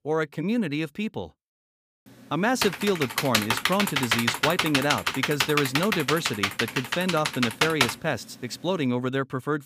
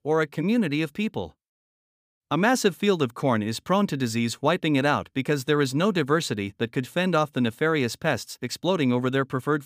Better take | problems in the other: second | keyboard typing; loud; from 2.5 to 8 s; peak 4 dB above the speech

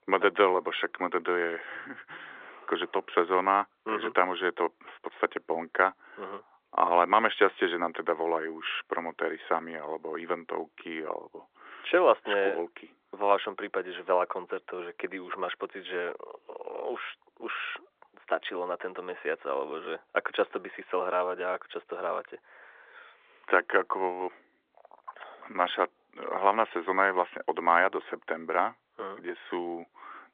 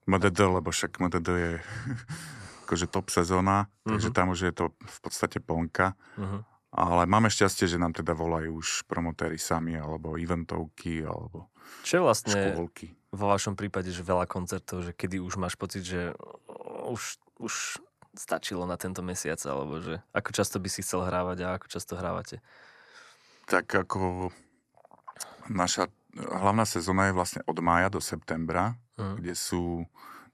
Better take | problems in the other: second | phone-call audio; nothing above 3.5 kHz

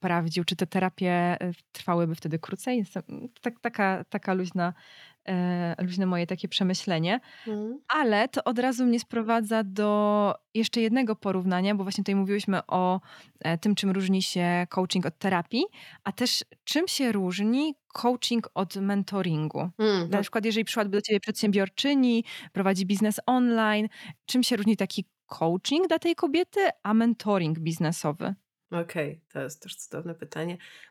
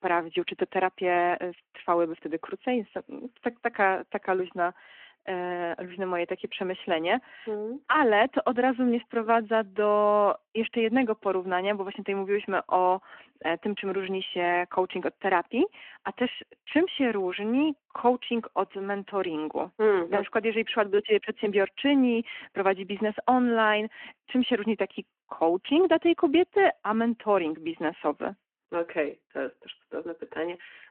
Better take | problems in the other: first | phone-call audio

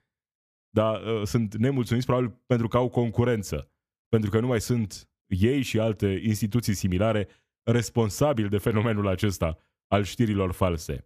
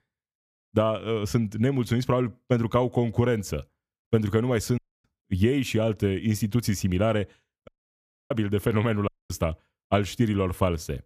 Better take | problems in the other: first | audio cutting out; at 5 s, at 7.5 s for 0.5 s and at 9 s

